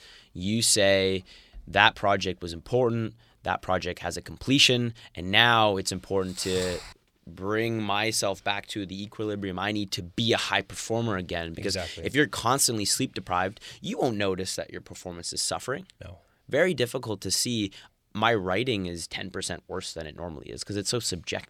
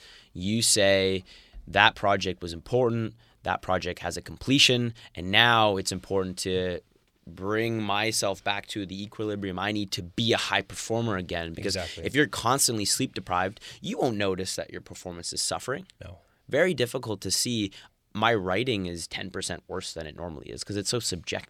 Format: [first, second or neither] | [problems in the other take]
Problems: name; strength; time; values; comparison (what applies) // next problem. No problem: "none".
second | footsteps; noticeable; at 6.5 s; peak 9 dB below the speech